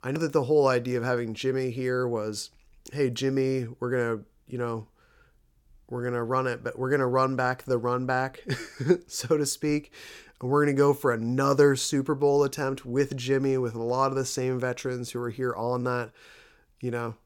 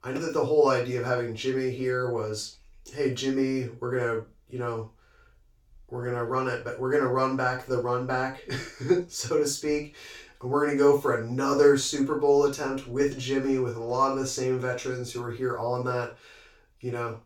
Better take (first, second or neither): first